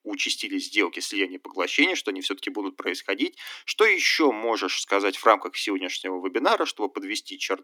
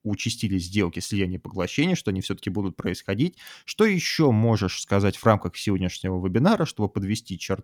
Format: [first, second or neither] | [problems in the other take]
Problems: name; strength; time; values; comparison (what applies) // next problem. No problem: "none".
second | thin; somewhat; fading below 300 Hz